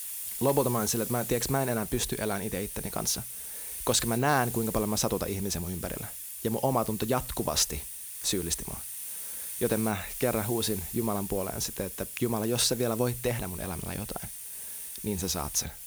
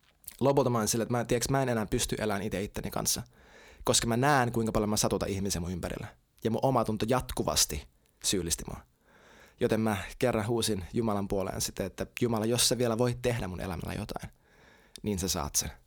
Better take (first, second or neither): second